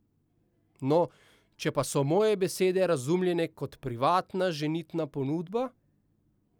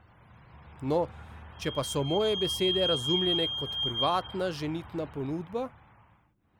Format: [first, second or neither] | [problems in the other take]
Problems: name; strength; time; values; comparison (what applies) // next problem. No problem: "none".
first | background sound (Squeak / Vehicle); 4 dB below the speech